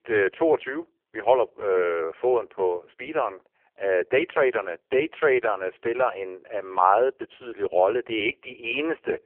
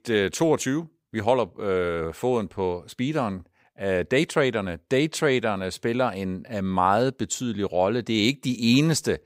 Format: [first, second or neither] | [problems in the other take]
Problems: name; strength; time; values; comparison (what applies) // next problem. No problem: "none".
second | phone-call audio; poor line; nothing above 3 kHz